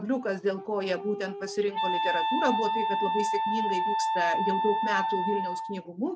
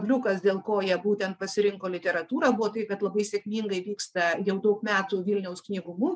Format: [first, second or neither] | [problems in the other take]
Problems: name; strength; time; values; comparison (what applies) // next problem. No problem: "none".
second | background sound (Wind instrument, woodwind instrument); 1 dB above the speech